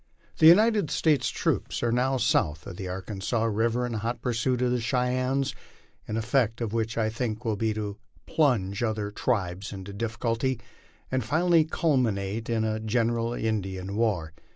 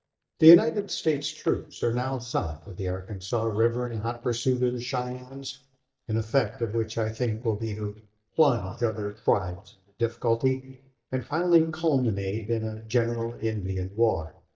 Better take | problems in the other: first | noise reduction (neural mask model DeepFilterNet 3)

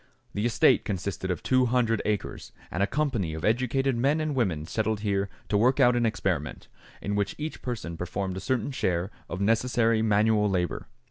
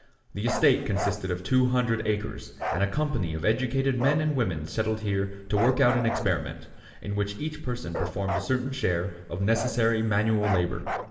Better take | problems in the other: first | background sound (Bark); 10 dB below the speech // room echo; dies away in 1.6 s

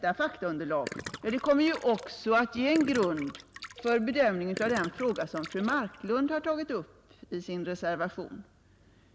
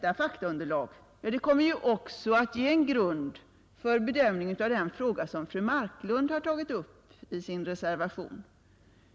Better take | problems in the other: second | background sound (Gurgling); 14 dB below the speech

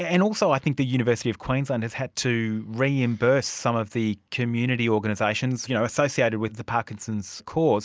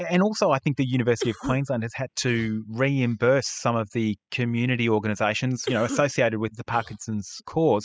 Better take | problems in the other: first | noise reduction (classical method spectral subtraction)

